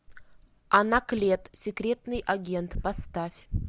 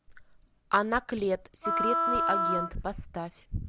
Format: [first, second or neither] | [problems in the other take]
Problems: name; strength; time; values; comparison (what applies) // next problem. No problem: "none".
first | background sound (Wind instrument, woodwind instrument); 2 dB above the speech